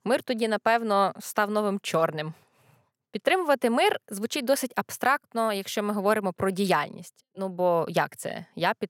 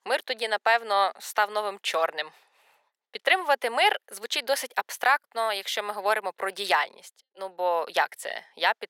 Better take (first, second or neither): first